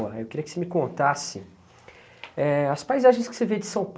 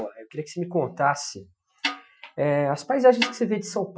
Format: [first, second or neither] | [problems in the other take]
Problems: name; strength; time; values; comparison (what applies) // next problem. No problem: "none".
first | noise reduction (classical method Wiener filter)